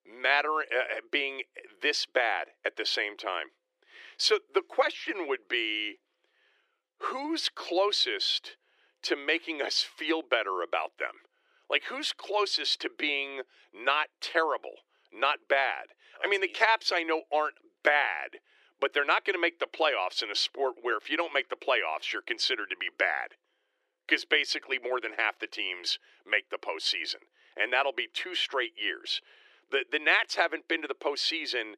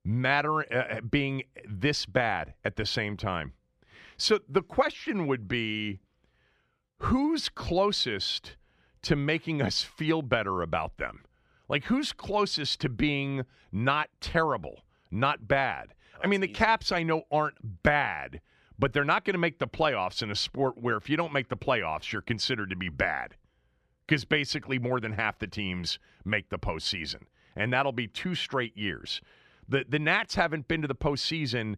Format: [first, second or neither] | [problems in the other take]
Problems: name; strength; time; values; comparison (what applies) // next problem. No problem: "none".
second | thin; very; fading below 350 Hz